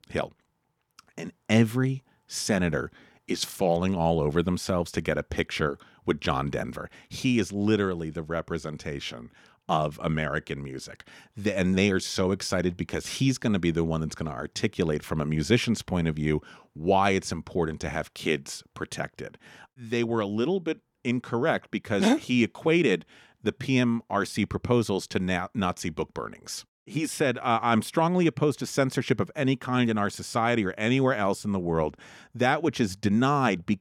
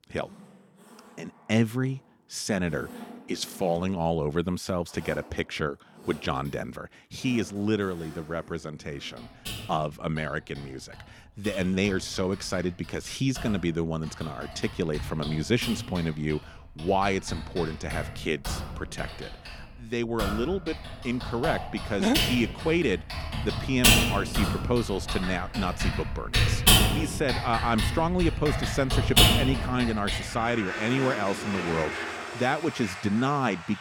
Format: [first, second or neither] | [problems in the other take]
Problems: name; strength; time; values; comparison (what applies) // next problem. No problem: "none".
first | household noises; very loud; throughout; 1 dB above the speech